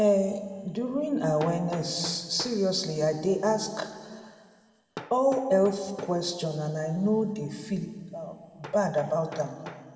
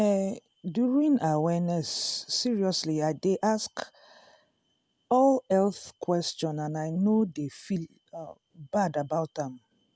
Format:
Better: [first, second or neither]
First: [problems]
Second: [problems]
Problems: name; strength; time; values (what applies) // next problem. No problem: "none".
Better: second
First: background sound (Hammer); 19 dB below the speech // room echo; dies away in 1.8 s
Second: none